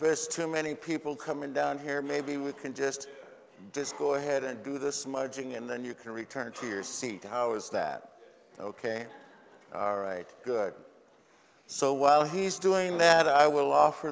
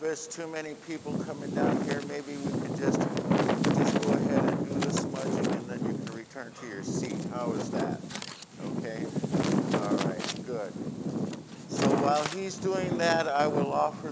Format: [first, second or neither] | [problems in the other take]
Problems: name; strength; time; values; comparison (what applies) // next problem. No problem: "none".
first | background sound (Wind); 4 dB above the speech